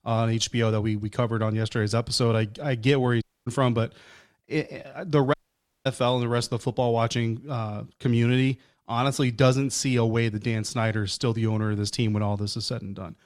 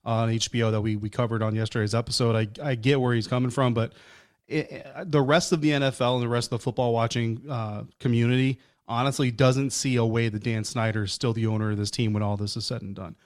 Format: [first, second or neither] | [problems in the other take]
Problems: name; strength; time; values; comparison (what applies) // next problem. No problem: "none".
second | audio cutting out; at 3 s and at 5.5 s for 0.5 s